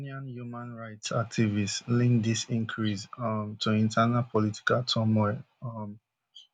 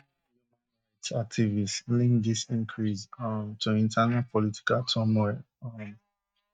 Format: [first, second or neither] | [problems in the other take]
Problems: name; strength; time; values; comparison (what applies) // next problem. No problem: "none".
first | noise reduction (neural mask model DeepFilterNet 3)